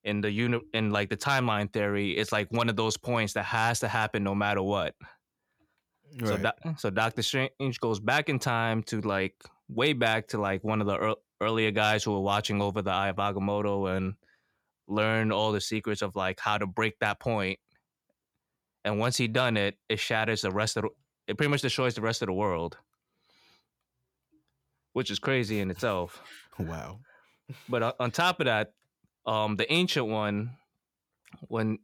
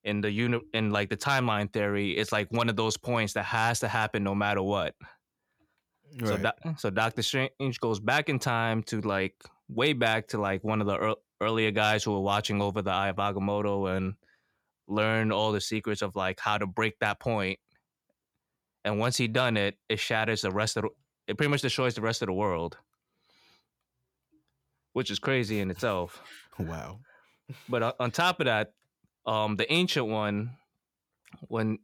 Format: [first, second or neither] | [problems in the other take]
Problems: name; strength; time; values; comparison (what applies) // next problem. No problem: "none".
neither | none